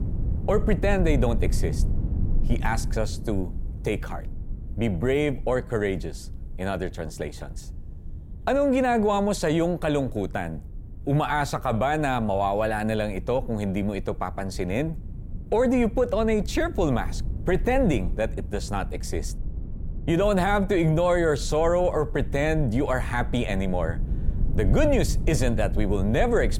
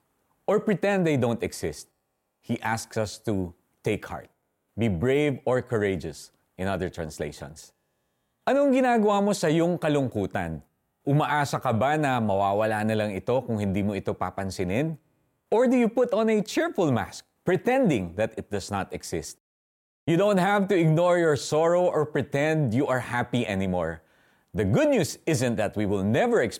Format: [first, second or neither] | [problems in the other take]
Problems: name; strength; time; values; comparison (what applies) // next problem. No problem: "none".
second | low rumble; faint; throughout; 20 dB below the speech